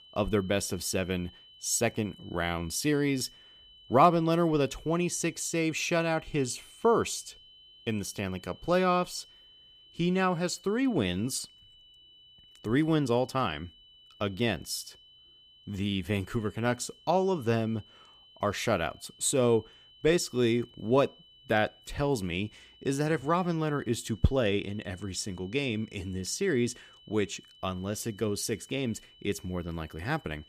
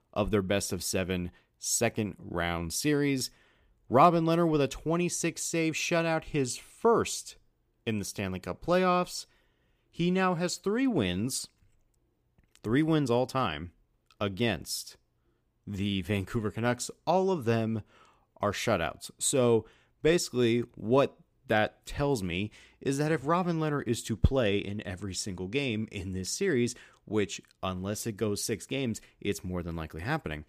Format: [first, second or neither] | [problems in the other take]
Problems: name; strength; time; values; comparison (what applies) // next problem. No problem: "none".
second | high-pitched whine; faint; throughout; 3 kHz, 25 dB below the speech